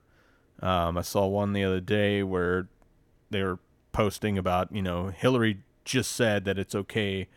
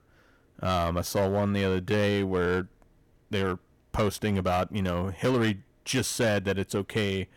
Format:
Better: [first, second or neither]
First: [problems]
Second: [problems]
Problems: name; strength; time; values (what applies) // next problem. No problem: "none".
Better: first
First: none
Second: distortion; slight; 7% of the sound clipped